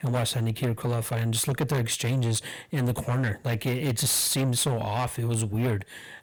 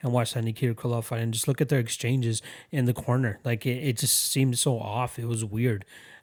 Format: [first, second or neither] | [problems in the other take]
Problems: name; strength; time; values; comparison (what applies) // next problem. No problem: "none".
second | distortion; heavy; 6 dB below the speech